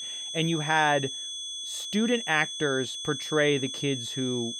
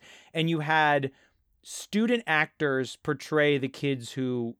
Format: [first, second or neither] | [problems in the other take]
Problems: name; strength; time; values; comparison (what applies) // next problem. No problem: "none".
second | high-pitched whine; loud; throughout; 3.5 kHz, 6 dB below the speech